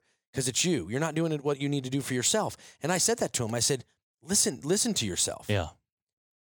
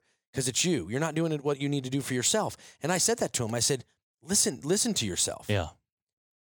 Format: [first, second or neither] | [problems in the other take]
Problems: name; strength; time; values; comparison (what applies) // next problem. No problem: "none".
neither | none